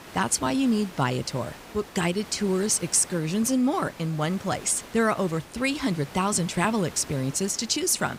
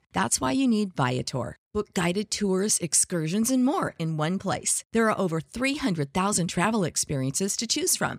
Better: second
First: hiss; noticeable; throughout; 20 dB below the speech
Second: none

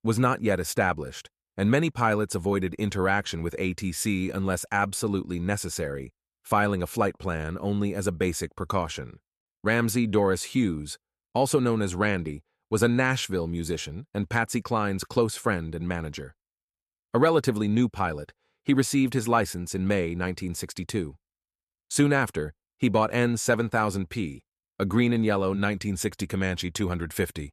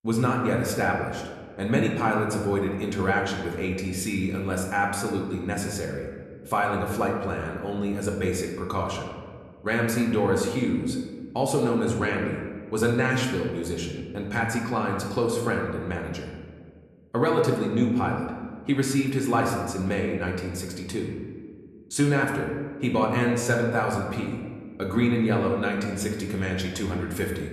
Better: first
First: none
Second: room echo; slight; dies away in 1.3 s // off-mic speech; somewhat distant

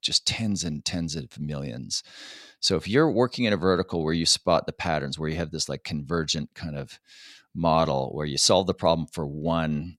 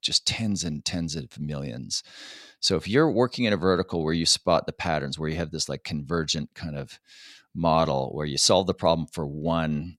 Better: neither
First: none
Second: none

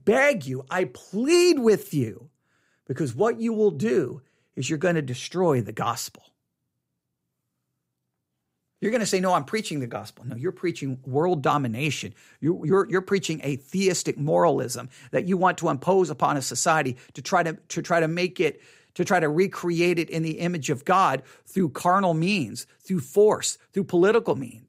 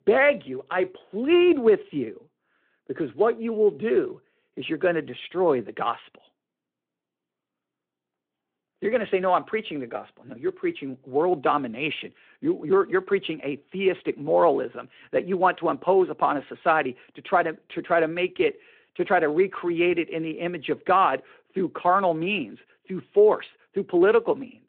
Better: first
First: none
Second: phone-call audio

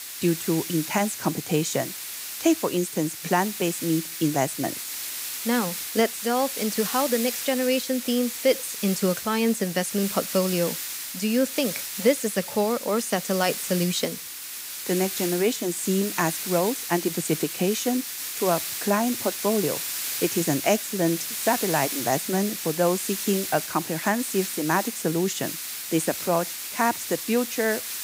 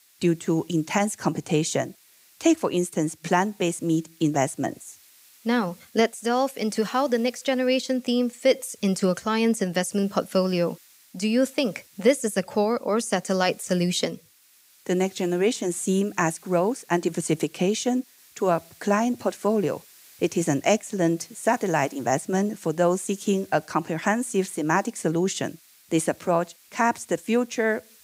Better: second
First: hiss; loud; throughout; 5 dB below the speech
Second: hiss; faint; throughout; 25 dB below the speech

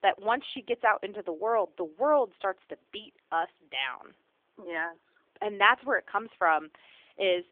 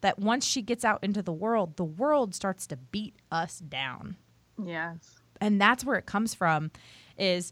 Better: second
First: phone-call audio; nothing above 3.5 kHz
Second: none

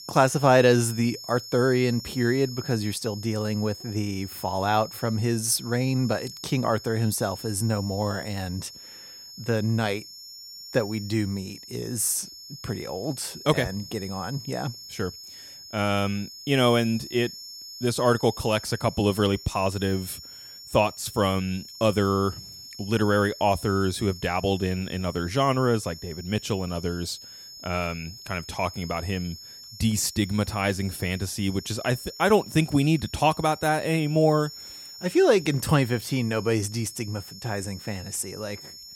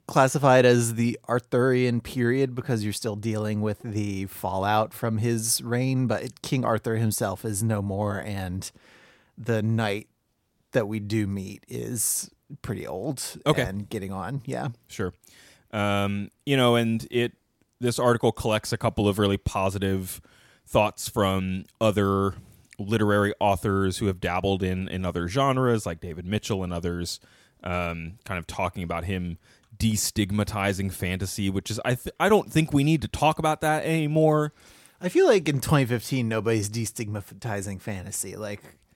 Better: second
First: high-pitched whine; noticeable; throughout; 5.5 kHz, 15 dB below the speech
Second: none

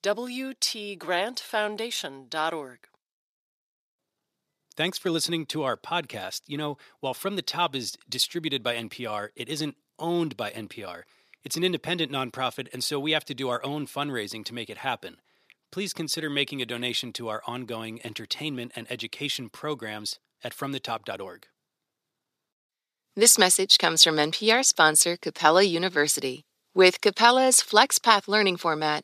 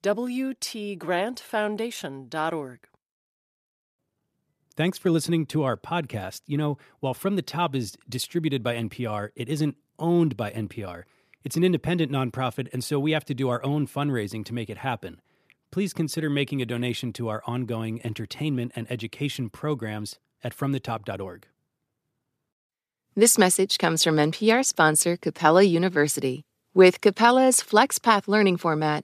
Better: second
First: thin; very slightly; fading below 1 kHz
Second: none

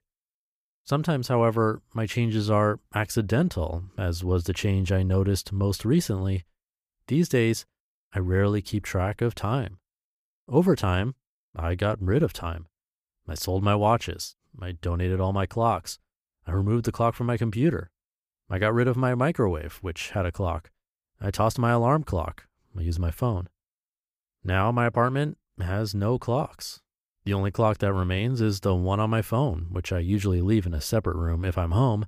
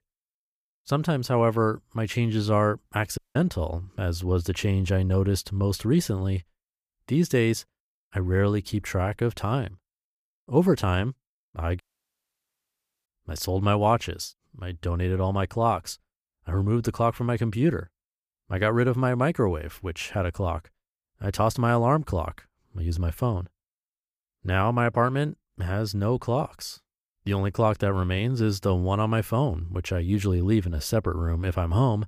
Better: first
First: none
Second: audio cutting out; at 3 s and at 12 s for 1.5 s

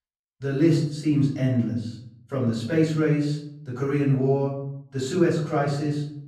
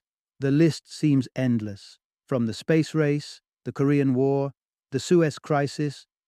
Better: second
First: off-mic speech; far // room echo; noticeable; dies away in 0.7 s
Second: none

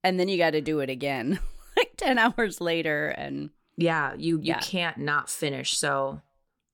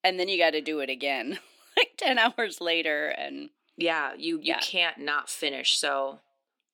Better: first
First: none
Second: thin; somewhat; fading below 300 Hz

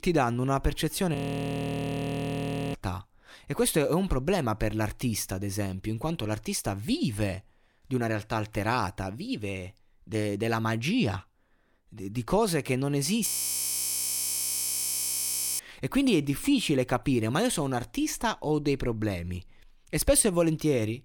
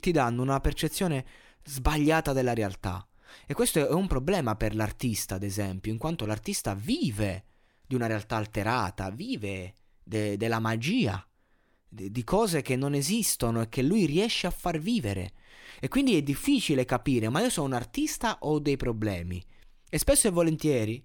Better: second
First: audio freezing; at 1 s for 1.5 s and at 13 s for 2.5 s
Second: none

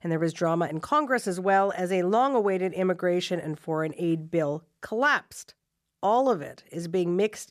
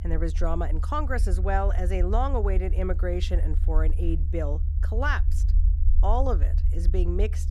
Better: first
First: none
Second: low rumble; noticeable; throughout; 15 dB below the speech

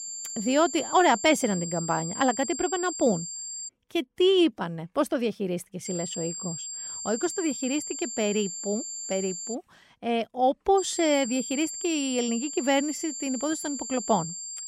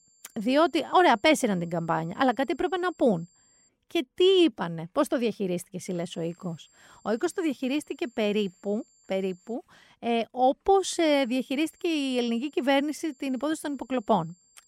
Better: second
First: high-pitched whine; loud; until 3.5 s, from 6 to 9.5 s and from 11 s on; 7.5 kHz, 7 dB below the speech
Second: high-pitched whine; faint; until 3.5 s, from 6 to 9.5 s and from 11 s on; 7.5 kHz, 35 dB below the speech

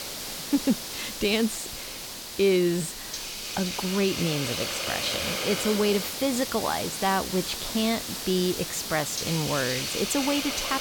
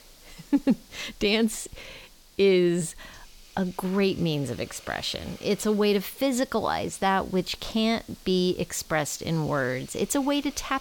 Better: second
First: hiss; loud; throughout; 3 dB below the speech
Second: hiss; faint; throughout; 25 dB below the speech

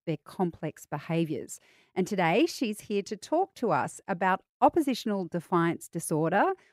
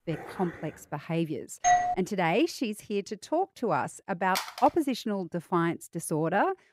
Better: first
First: none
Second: dog barking; faint; at the start; peak 10 dB below the speech // doorbell; loud; at 1.5 s; peak 6 dB above the speech // phone ringing; noticeable; at 4.5 s; peak 4 dB below the speech

